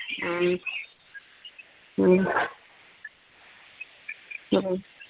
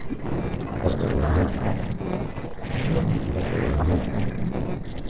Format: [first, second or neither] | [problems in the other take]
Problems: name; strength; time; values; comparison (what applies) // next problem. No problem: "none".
first | noise reduction (neural separator model SepFormer DNS4)